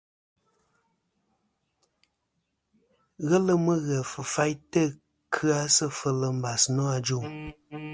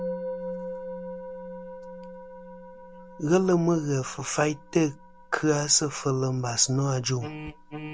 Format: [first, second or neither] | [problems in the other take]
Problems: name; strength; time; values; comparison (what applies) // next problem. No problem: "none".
first | background sound (Musical instrument); 12 dB below the speech